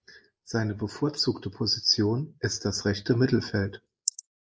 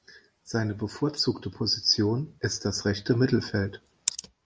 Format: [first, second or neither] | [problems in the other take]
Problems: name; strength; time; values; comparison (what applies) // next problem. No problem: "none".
second | noise reduction (neural mask model Resemble Enhance denoiser)